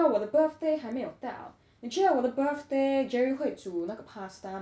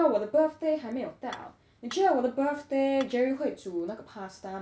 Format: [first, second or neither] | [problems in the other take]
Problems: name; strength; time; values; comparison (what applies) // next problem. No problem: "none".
first | background sound (Dishes, pots, and pans / Chink, clink); 19 dB below the speech